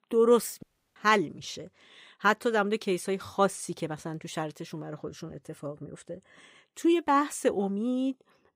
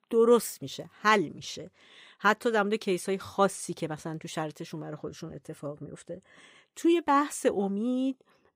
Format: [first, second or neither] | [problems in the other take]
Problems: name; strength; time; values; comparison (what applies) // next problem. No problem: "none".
second | audio cutting out; at 0.5 s